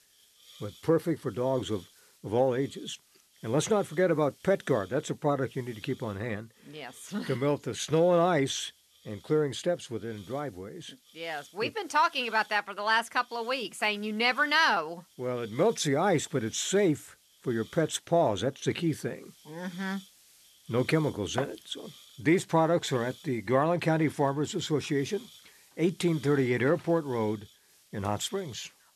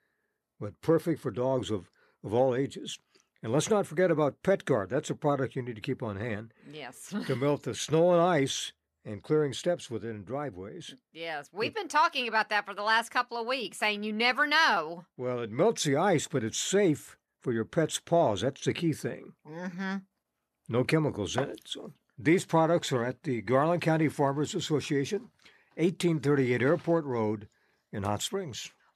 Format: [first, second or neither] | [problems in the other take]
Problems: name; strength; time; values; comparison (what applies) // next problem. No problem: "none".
second | hiss; faint; throughout; 25 dB below the speech